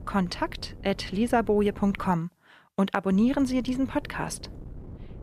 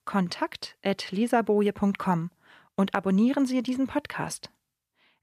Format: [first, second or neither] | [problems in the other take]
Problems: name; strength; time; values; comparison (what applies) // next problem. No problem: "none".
second | wind noise on the microphone; occasional gusts; until 2 s and from 3 s on; 25 dB below the speech